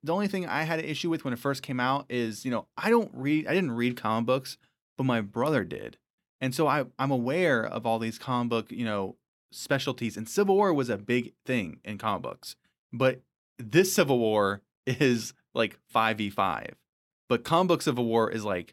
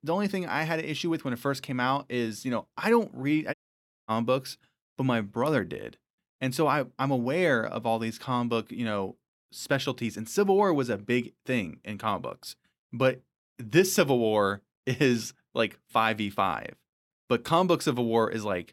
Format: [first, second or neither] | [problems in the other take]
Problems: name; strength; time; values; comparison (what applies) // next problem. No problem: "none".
first | audio cutting out; at 3.5 s for 0.5 s